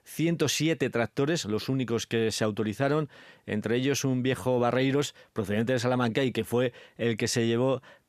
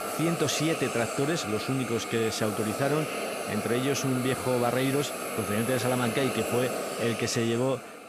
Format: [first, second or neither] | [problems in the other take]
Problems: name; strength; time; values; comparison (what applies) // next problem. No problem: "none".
first | hiss; loud; throughout; 4 dB below the speech